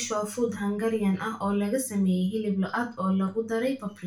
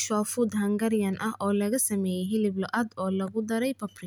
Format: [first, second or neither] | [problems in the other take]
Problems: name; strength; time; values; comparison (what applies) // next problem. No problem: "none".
second | room echo; dies away in 0.3 s